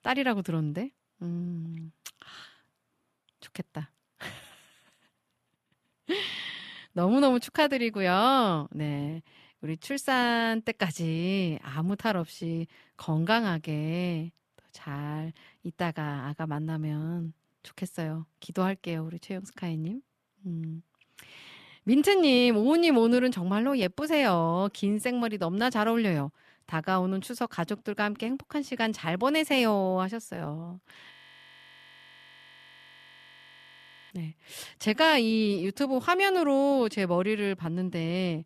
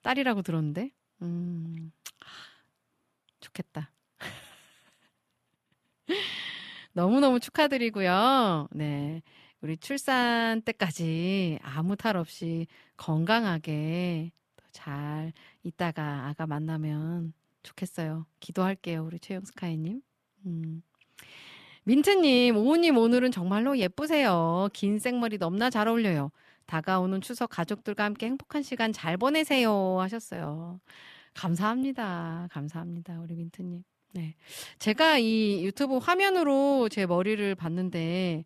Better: second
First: audio freezing; at 31 s for 3 s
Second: none

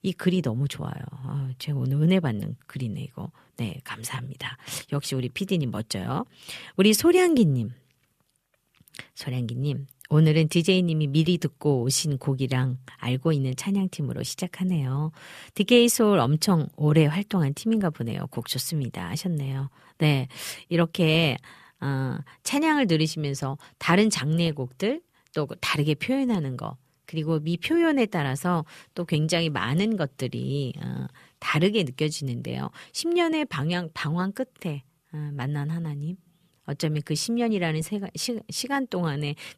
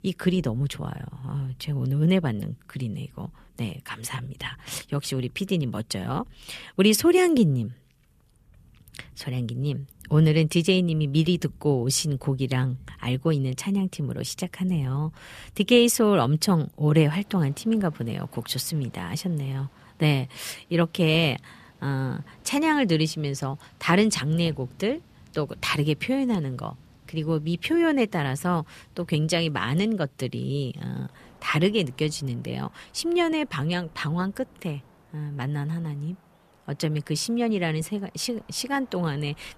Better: first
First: none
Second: rain or running water; faint; throughout; 30 dB below the speech

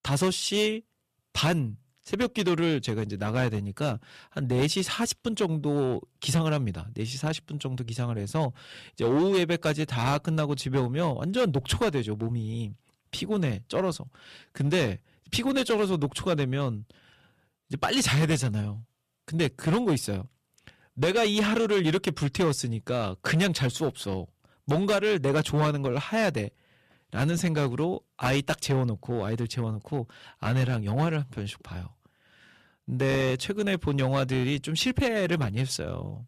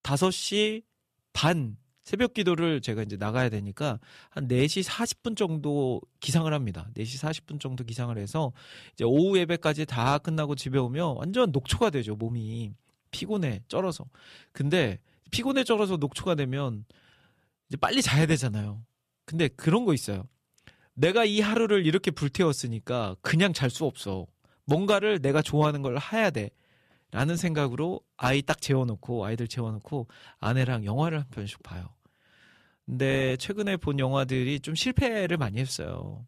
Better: second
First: distortion; slight; 6% of the sound clipped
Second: none

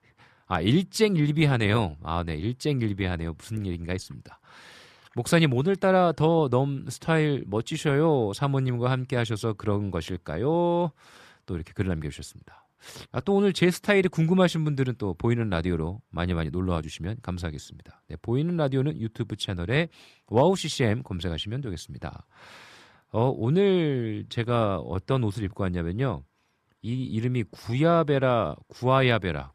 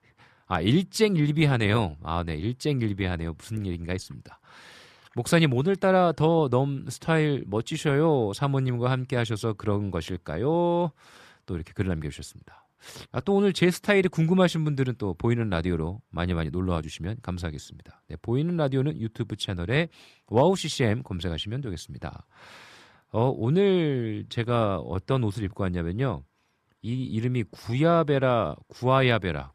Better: neither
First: none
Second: none

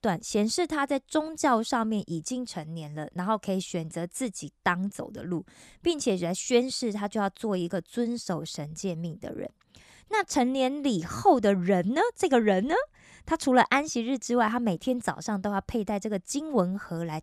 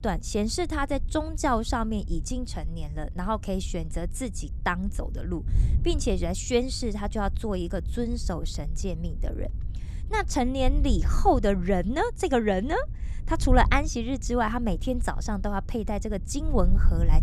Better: first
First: none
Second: wind noise on the microphone; occasional gusts; 20 dB below the speech

